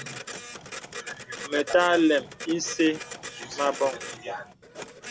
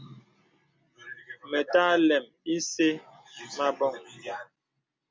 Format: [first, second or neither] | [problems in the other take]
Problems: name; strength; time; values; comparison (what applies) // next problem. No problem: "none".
second | background sound (Printer); 12 dB below the speech